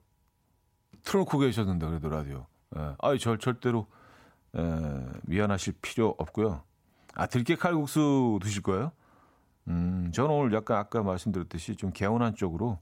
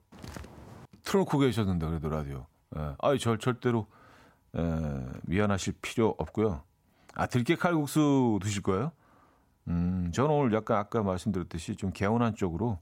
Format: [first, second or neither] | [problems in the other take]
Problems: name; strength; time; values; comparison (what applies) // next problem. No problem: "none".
first | footsteps; faint; at the start; peak 15 dB below the speech